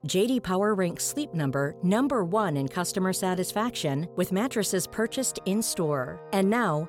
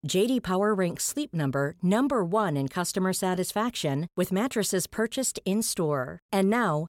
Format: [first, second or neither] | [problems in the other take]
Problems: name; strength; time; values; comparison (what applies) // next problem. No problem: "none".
second | background music; noticeable; throughout; 20 dB below the speech